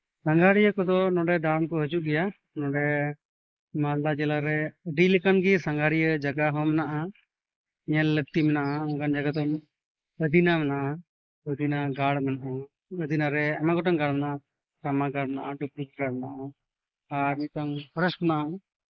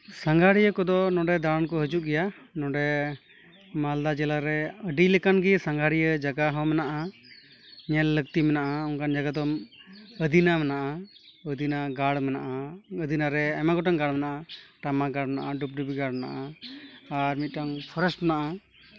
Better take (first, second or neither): second